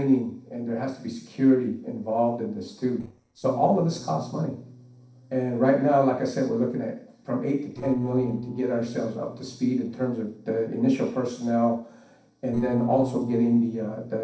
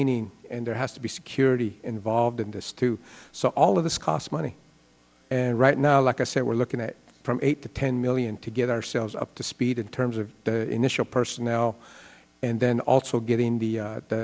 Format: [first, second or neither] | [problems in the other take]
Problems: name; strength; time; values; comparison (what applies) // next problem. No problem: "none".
second | noise reduction (neural separator model SepFormer DNS4)